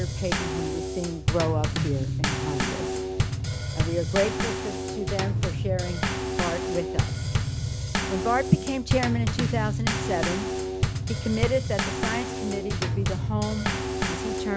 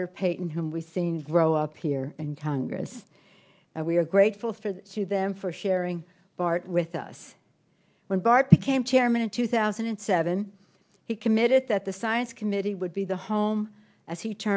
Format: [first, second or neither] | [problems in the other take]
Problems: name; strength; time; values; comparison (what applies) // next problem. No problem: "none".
second | background sound (Bass drum / Snare drum / Drum kit); 3 dB above the speech